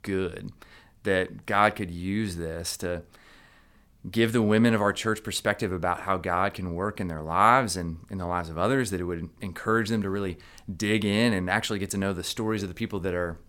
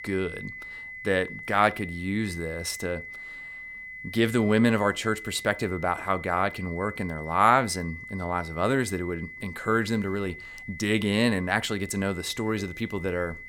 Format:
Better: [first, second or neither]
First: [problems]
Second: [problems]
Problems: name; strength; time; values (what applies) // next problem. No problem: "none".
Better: first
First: none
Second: high-pitched whine; noticeable; throughout; 2 kHz, 10 dB below the speech